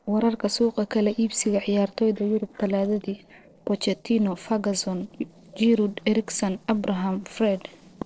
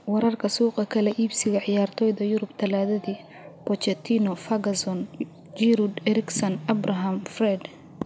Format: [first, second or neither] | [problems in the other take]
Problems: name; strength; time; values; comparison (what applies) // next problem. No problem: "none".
second | noise reduction (neural separator model SepFormer DNS4)